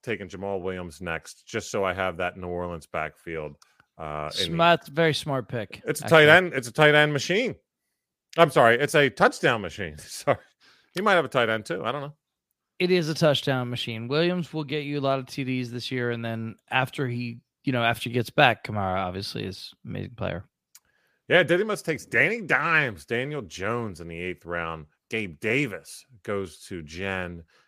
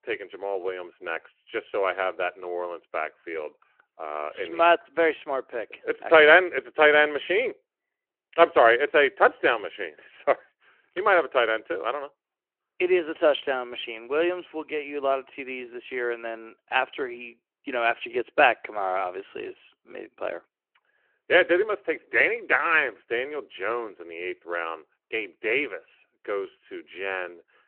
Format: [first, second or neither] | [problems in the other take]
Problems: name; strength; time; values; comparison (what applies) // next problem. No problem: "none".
first | phone-call audio